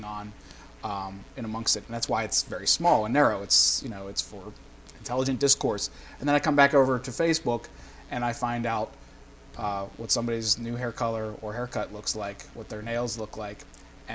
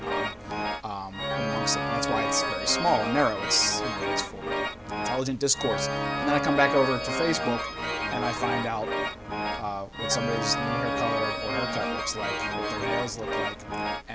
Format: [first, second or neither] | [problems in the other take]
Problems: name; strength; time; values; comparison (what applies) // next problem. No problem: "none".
first | background sound (Organ); as loud as the speech